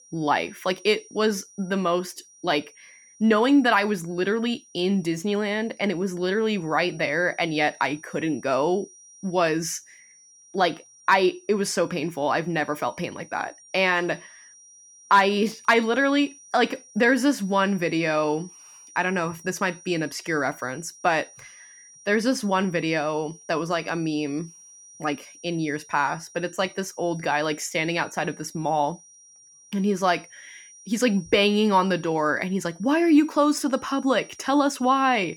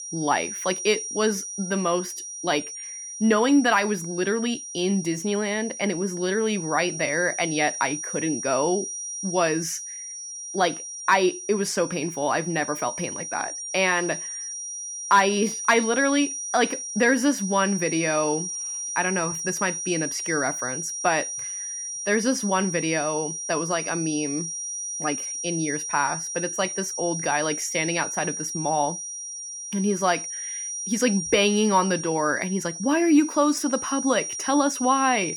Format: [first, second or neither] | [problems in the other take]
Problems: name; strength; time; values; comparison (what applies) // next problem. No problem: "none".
first | high-pitched whine; loud; throughout; 5.5 kHz, 6 dB below the speech; faint in the first